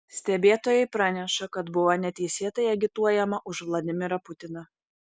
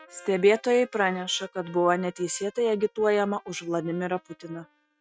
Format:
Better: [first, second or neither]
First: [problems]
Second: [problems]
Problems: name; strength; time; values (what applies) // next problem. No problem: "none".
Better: first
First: none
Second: noise reduction (neural mask model RNNoise)